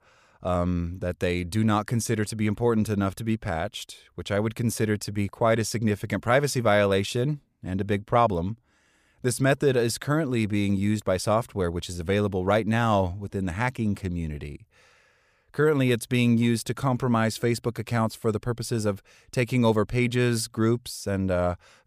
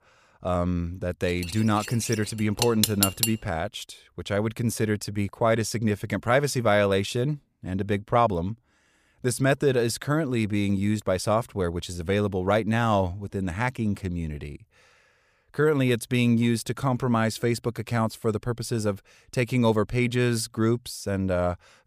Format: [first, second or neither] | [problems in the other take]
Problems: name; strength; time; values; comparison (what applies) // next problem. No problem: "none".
first | clattering dishes; loud; from 1.5 to 3.5 s; peak 2 dB above the speech